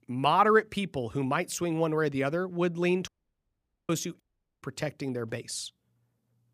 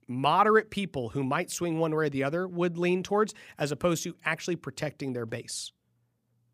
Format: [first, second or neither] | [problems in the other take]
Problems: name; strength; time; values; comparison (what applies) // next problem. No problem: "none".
second | audio cutting out; at 3 s for 1 s and at 4 s